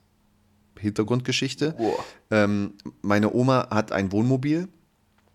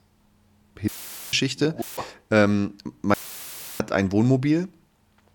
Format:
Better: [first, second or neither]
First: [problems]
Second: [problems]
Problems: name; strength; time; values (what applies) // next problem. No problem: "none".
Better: first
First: none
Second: audio cutting out; filled with static; at 1 s, at 2 s and at 3 s for 0.5 s